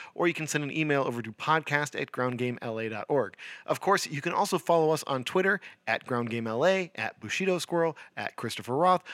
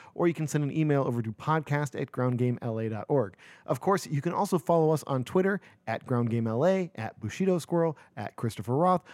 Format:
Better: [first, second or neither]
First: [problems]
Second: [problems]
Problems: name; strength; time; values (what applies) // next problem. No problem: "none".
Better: second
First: thin; very slightly; fading below 750 Hz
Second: none